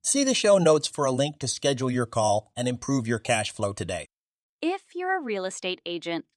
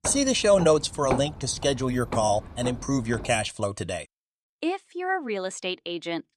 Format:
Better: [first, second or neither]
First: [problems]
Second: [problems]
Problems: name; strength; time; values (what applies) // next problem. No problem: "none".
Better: first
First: none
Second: footsteps; noticeable; until 3.5 s; peak 5 dB below the speech